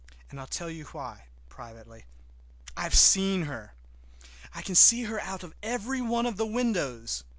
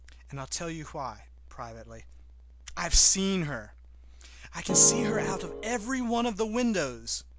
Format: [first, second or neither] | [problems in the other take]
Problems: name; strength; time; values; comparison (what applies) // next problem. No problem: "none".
first | background sound (Keyboard (musical)); 2 dB below the speech